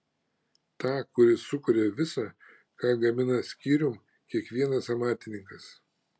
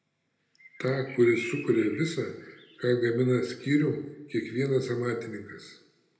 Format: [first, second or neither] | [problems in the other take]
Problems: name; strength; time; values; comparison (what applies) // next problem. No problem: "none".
first | background sound (Bird); 14 dB below the speech // room echo; dies away in 0.8 s